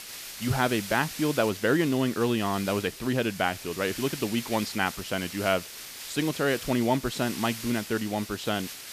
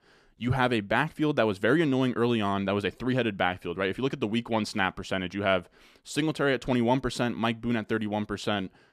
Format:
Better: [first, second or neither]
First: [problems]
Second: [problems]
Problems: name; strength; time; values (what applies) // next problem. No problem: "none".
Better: second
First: hiss; noticeable; throughout; 10 dB below the speech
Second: none